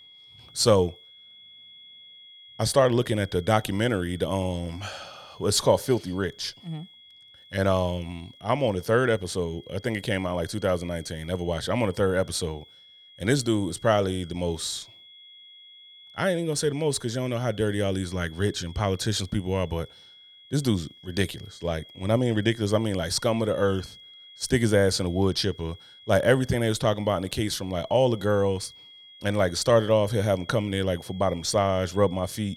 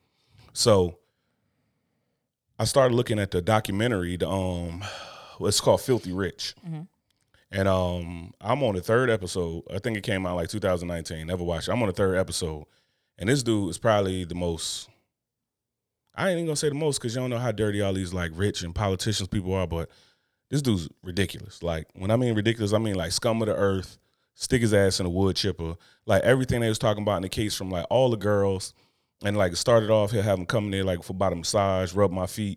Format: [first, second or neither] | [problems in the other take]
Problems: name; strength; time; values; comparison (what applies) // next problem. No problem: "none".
second | high-pitched whine; faint; throughout; 3.5 kHz, 20 dB below the speech